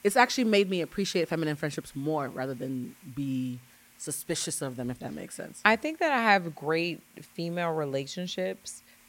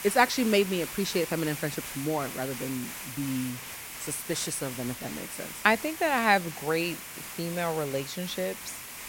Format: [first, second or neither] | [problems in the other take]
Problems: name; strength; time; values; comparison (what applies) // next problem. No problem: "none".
first | hiss; loud; throughout; 8 dB below the speech; faint in the first